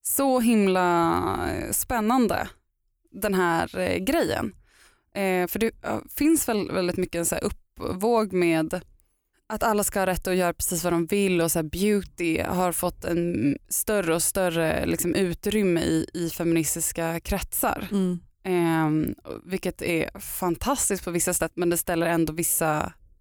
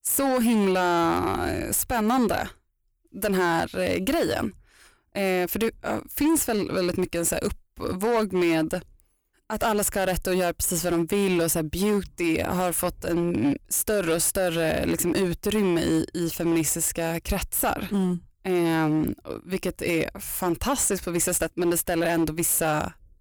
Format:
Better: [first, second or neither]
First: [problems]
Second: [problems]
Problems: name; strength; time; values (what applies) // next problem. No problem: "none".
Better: first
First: none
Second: distortion; slight; 9% of the sound clipped